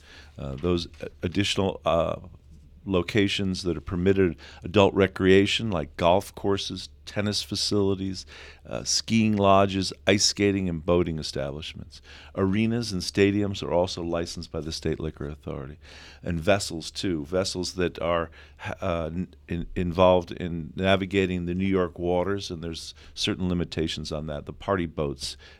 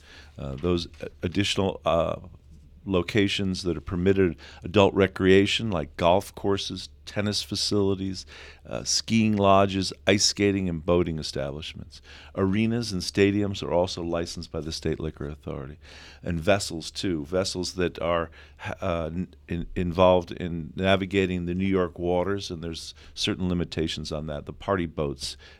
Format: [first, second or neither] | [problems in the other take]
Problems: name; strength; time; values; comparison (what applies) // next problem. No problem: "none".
neither | none